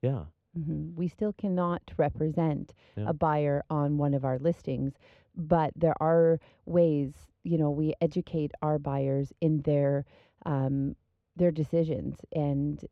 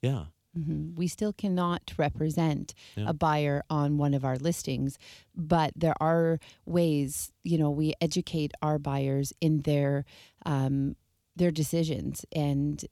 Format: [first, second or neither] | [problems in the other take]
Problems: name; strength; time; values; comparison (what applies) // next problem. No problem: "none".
second | muffled; very; fading above 4 kHz